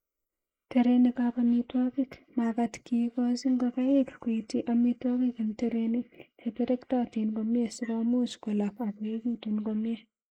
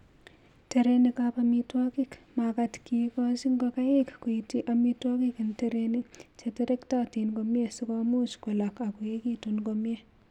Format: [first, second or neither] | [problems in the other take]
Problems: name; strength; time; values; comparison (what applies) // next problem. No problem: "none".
second | noise reduction (neural mask model Resemble Enhance denoiser)